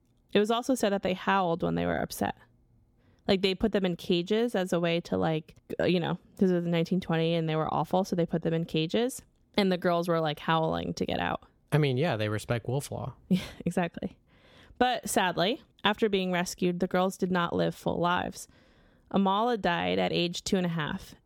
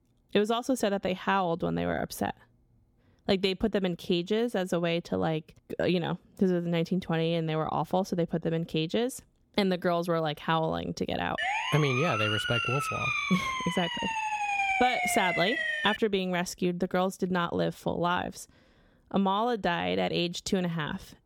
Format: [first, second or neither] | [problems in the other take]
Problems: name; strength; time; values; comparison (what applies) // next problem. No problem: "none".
first | siren; loud; from 11 to 16 s; peak 3 dB above the speech